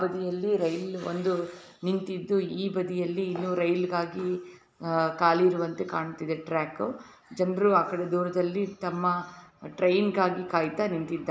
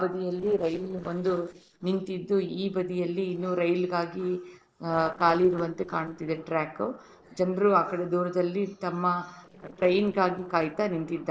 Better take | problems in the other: first | noise reduction (neural separator model SepFormer DNS4)

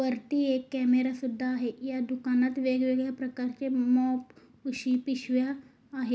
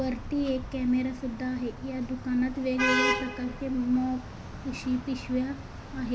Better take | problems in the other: first | background sound (Traffic noise, roadway noise / Vehicle horn, car horn, honking); 5 dB below the speech

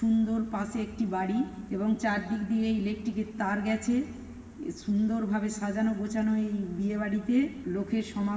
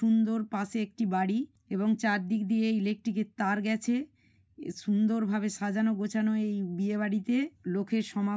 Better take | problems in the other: second | background sound (Gull, seagull); 20 dB below the speech // room echo; dies away in 2 s

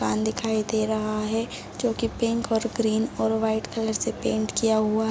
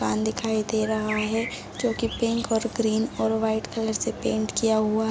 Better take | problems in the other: first | background sound (Bird); 14 dB below the speech

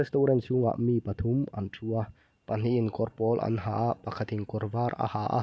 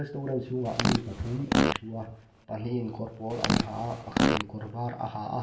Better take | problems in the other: first | background sound (Fart); 3 dB above the speech // room echo; dies away in 0.9 s

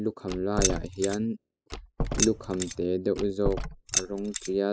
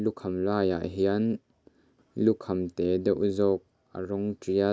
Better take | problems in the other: second | noise reduction (classical method spectral subtraction)

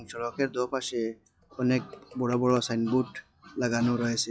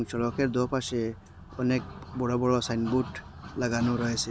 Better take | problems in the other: second | noise reduction (classical method log-MMSE)

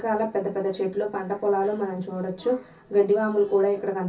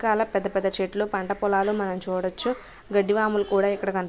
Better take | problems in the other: second | room echo; dies away in 0.3 s

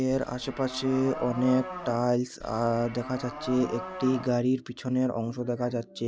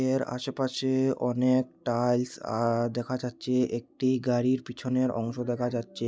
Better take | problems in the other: second | background sound (Livestock, farm animals, working animals); 11 dB below the speech

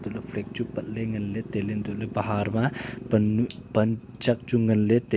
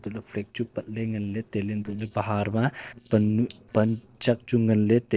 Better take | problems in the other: first | noise reduction (neural separator model SepFormer DNS4)

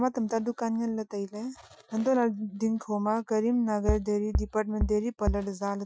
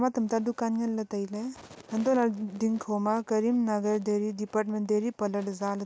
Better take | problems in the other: second | noise reduction (classical method Wiener filter)

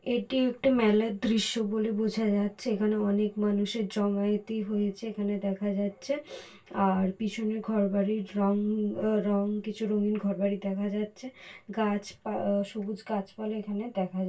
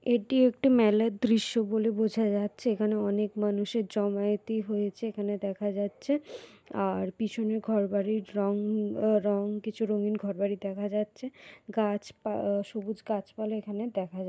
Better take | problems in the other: second | room echo; dies away in 0.2 s

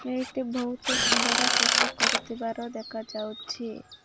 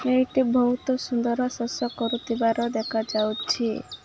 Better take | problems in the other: second | background sound (Drill); 5 dB above the speech

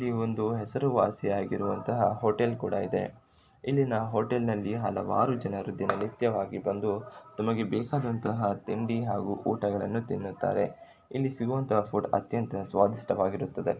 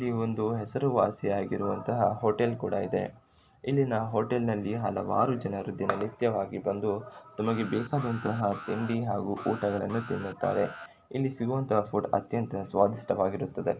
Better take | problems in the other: first | background sound (Alarm); 15 dB below the speech

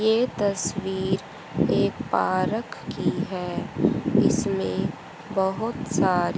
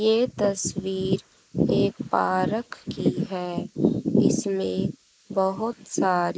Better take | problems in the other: first | noise reduction (neural mask model Resemble Enhance denoiser)

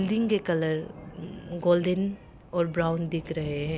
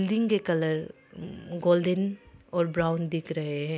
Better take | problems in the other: second | background sound (Thunder); 17 dB below the speech

